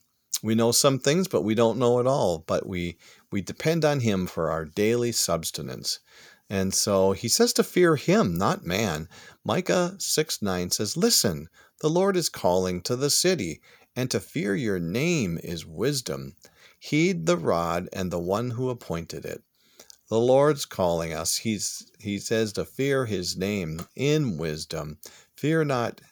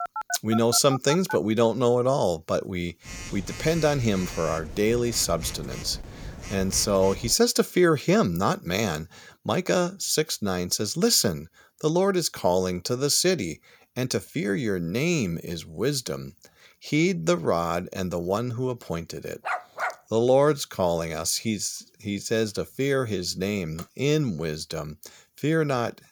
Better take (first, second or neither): first